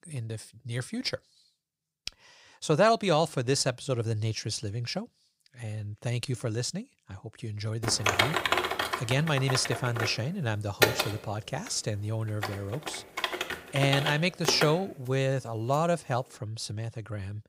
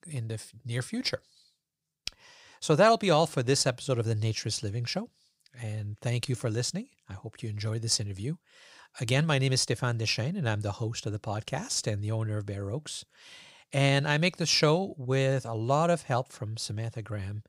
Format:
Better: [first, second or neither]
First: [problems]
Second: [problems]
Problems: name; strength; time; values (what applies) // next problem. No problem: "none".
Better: second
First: keyboard typing; loud; from 8 to 15 s; peak 5 dB above the speech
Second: none